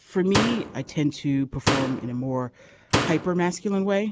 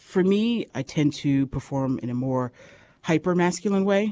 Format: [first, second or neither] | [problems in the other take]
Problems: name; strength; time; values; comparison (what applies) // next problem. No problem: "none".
second | background sound (Slam); 3 dB below the speech